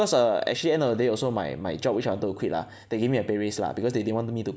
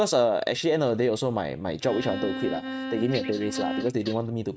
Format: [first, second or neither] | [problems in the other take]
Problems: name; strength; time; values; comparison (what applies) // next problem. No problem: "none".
first | noise reduction (neural mask model RNNoise)